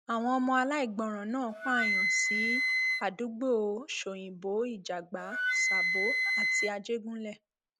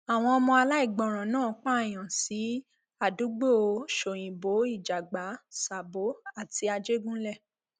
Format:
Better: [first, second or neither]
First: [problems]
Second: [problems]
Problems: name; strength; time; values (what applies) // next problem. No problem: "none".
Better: second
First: background sound (Wind instrument, woodwind instrument); 1 dB above the speech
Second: none